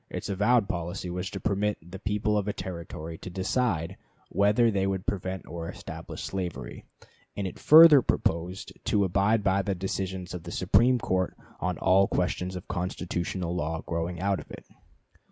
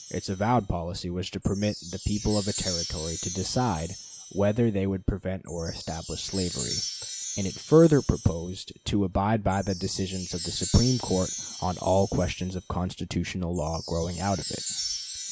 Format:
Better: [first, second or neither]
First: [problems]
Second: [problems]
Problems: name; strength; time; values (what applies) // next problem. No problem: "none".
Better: first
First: none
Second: background sound (Wind chime); 10 dB below the speech